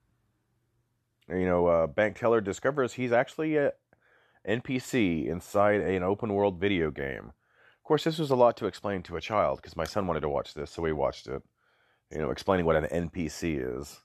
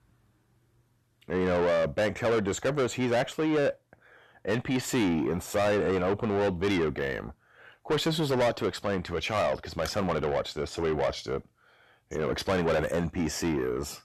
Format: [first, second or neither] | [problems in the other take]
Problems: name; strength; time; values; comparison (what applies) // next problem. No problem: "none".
first | distortion; heavy; 6 dB below the speech